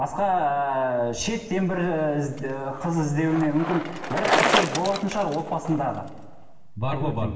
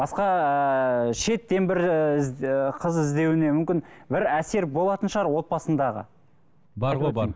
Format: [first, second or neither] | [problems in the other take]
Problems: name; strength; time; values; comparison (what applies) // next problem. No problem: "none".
second | background sound (Bicycle); 6 dB below the speech // room echo; dies away in 1.1 s